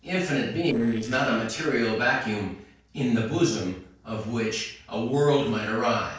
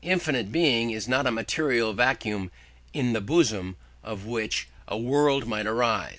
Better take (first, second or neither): second